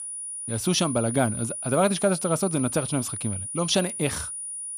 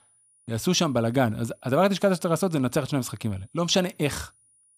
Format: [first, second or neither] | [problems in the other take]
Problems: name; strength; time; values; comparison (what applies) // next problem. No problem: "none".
second | high-pitched whine; loud; throughout; 9.5 kHz, 5 dB below the speech; faint in the second